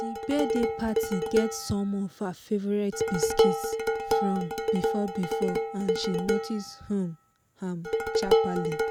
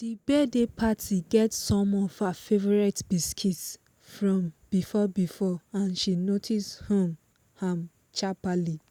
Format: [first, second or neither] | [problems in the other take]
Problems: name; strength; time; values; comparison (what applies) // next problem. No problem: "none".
second | background sound (Dishes, pots, and pans); 2 dB above the speech